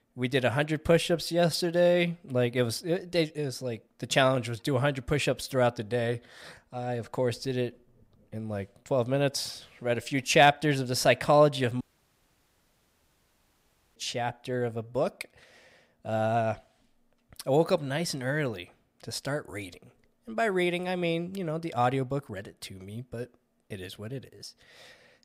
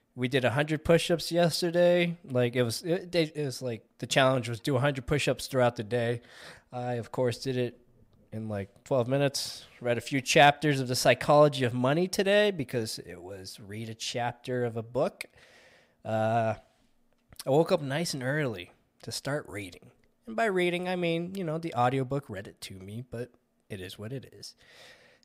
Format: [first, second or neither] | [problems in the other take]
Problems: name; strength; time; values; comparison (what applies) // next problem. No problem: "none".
second | audio cutting out; at 12 s for 2 s